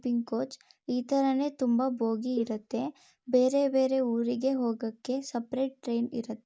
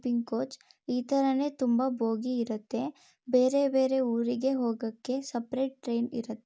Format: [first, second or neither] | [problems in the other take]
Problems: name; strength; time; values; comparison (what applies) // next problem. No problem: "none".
second | noise reduction (neural mask model Resemble Enhance denoiser)